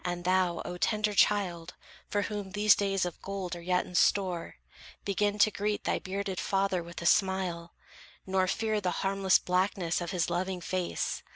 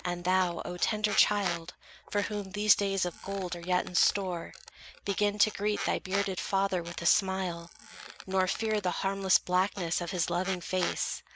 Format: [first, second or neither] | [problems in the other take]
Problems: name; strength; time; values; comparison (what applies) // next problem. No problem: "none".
first | background sound (Squeak); 13 dB below the speech